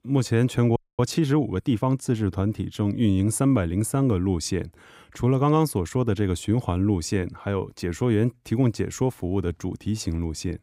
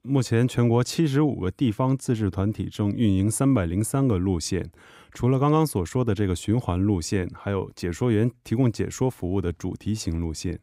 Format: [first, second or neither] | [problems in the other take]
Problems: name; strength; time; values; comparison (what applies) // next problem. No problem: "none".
second | audio freezing; at 1 s